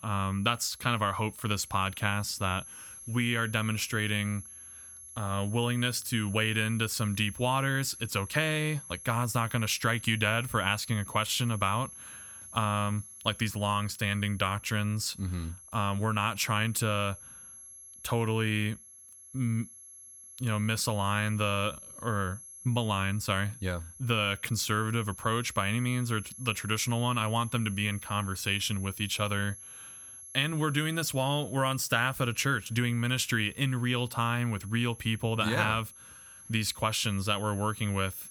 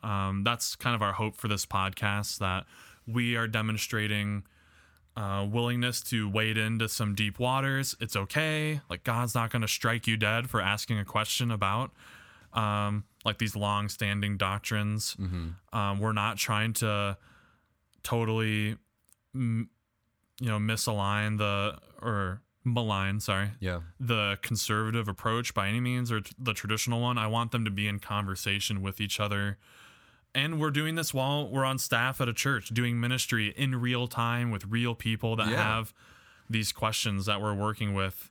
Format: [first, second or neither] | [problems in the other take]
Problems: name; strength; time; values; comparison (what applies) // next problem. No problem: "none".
second | high-pitched whine; noticeable; throughout; 11 kHz, 15 dB below the speech